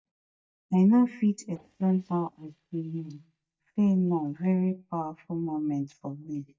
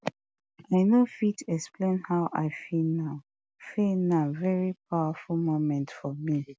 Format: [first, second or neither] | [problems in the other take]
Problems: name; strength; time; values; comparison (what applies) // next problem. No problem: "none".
second | noise reduction (neural mask model DeepFilterNet 3)